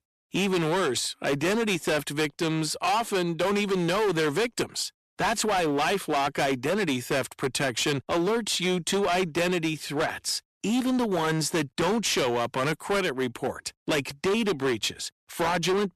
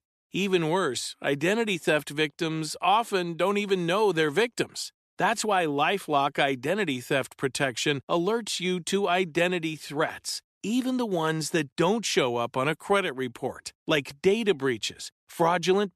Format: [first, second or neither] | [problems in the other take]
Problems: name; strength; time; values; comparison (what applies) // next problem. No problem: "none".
second | distortion; heavy; 20% of the sound clipped